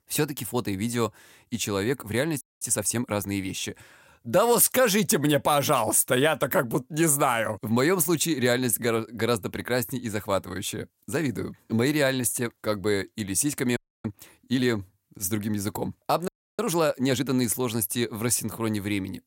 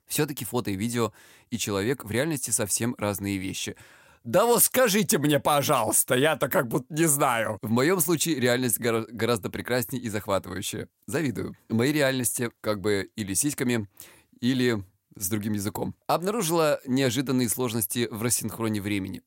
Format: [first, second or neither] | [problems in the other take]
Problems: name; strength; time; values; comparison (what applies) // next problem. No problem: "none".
second | audio freezing; at 2.5 s, at 14 s and at 16 s